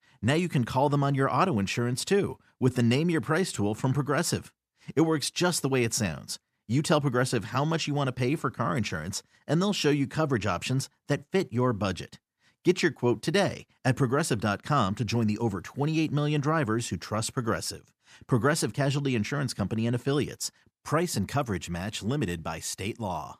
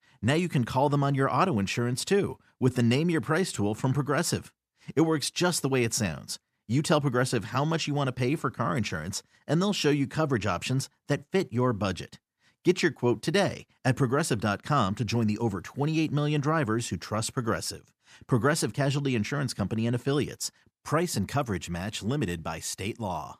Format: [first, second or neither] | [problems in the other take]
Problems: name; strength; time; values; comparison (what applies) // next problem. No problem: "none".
neither | none